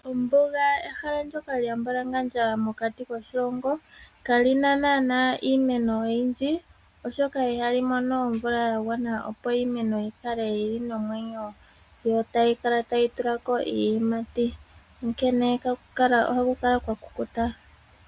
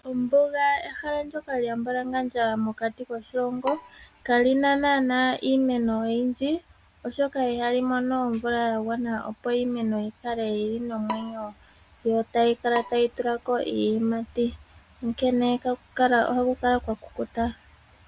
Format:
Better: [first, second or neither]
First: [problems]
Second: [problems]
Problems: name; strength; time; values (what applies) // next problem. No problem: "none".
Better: first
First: none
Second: background sound (Bowed string instrument); 16 dB below the speech